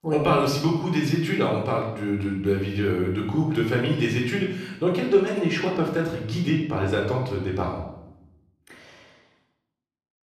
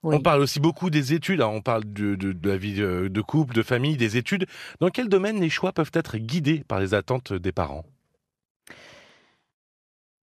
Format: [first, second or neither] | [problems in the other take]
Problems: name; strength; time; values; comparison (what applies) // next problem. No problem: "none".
second | off-mic speech; somewhat distant // room echo; noticeable; dies away in 0.7 s